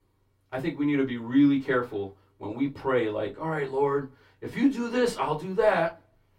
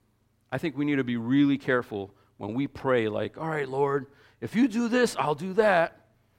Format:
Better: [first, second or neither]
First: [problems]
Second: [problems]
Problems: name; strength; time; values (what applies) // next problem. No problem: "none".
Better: second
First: off-mic speech; far // room echo; very slight; dies away in 0.2 s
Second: none